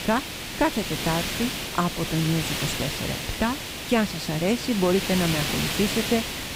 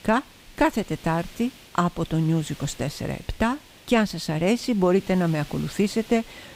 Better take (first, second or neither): second